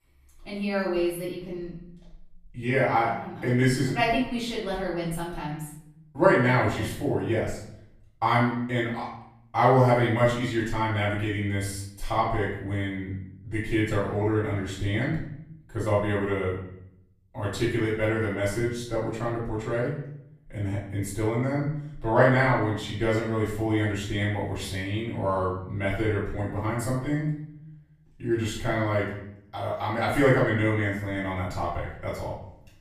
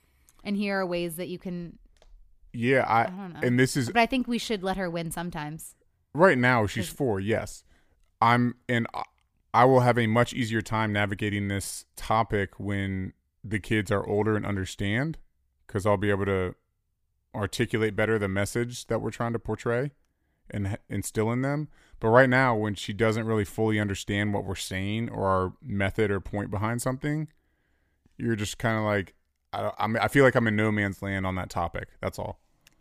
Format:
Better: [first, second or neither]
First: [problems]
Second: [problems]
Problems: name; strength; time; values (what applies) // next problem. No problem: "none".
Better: second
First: room echo; noticeable; dies away in 0.7 s // off-mic speech; far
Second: none